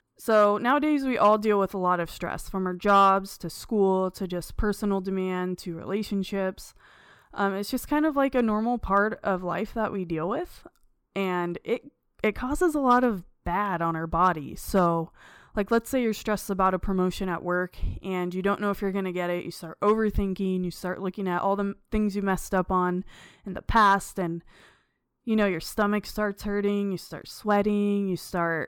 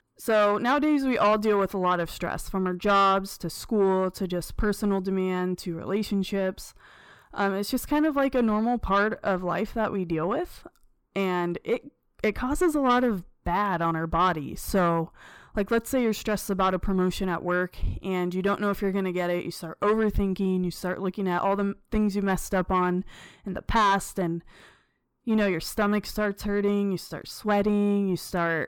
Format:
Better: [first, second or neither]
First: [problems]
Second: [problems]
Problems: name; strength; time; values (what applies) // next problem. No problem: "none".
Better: first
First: none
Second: distortion; slight; 10 dB below the speech